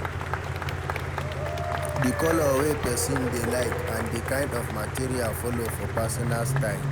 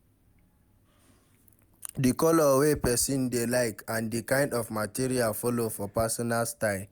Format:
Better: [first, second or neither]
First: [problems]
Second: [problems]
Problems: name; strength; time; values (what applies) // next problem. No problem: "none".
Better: second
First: background sound (Applause / Crowd / Cheering + Idling / Accelerating, revving, vroom / Car); 1 dB above the speech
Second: none